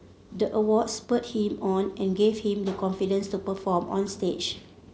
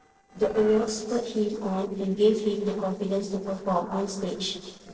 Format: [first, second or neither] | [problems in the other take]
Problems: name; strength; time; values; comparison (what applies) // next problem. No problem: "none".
first | noise reduction (neural separator model SepFormer DNS4)